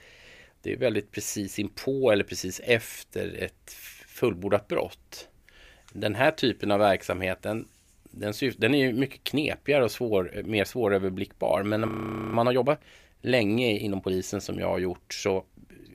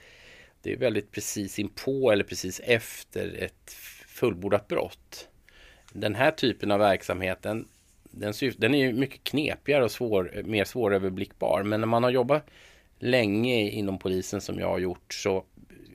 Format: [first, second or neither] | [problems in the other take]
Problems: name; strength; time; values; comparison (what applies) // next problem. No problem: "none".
second | audio freezing; at 12 s